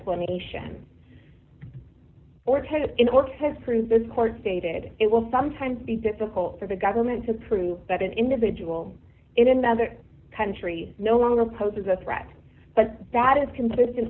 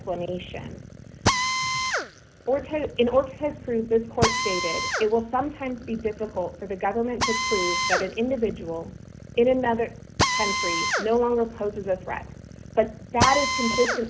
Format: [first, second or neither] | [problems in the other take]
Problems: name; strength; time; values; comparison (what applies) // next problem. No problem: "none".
first | background sound (Drill); 3 dB below the speech